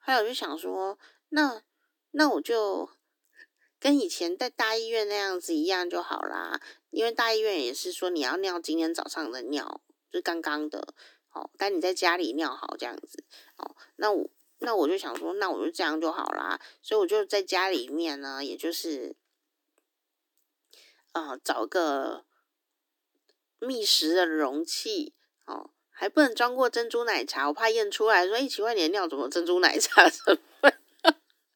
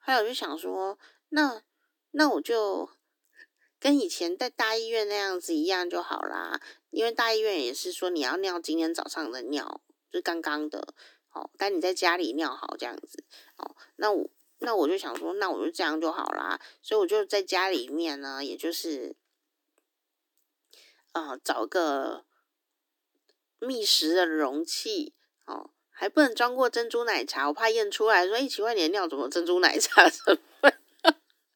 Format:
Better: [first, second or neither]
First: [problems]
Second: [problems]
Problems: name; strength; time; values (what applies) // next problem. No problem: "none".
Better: neither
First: thin; somewhat; fading below 300 Hz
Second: thin; somewhat; fading below 300 Hz